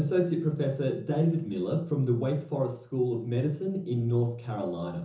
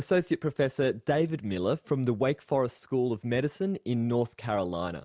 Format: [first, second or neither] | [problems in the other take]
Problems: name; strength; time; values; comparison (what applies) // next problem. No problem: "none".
second | room echo; dies away in 0.7 s